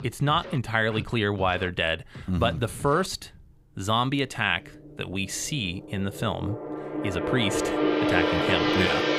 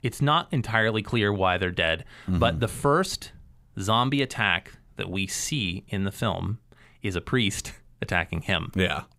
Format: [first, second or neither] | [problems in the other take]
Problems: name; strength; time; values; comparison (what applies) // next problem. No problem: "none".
second | background music; very loud; throughout; as loud as the speech